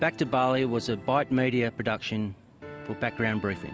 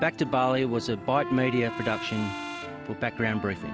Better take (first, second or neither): first